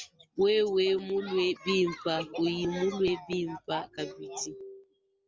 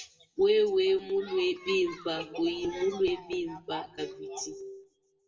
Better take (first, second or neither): first